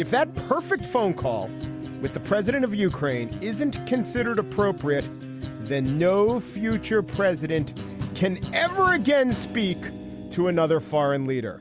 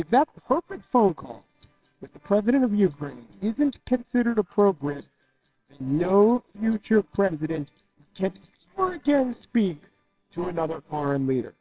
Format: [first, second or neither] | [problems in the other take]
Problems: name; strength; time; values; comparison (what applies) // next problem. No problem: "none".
first | noise reduction (neural separator model SepFormer WHAMR!)